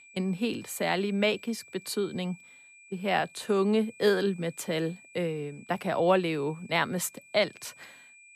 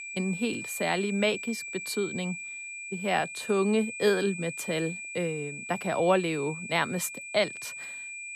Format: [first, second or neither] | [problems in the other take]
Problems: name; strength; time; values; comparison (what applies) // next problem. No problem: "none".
first | high-pitched whine; loud; throughout; 2.5 kHz, 8 dB below the speech; faint in the first